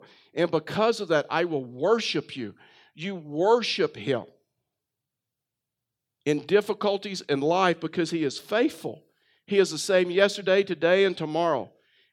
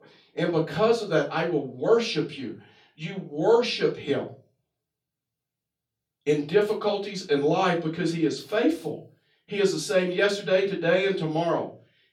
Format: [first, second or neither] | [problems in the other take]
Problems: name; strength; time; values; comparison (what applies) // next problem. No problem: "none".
first | off-mic speech; far // room echo; very slight; dies away in 0.3 s